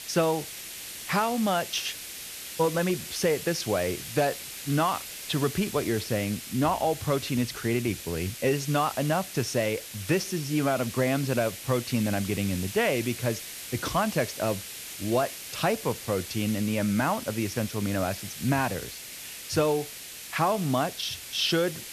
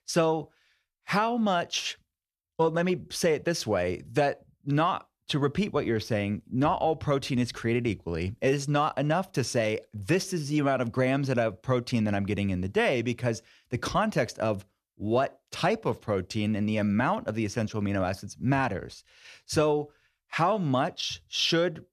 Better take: second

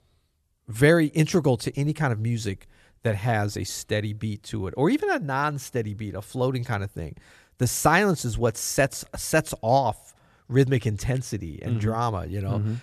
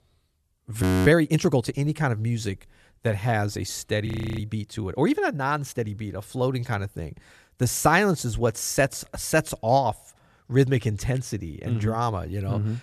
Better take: first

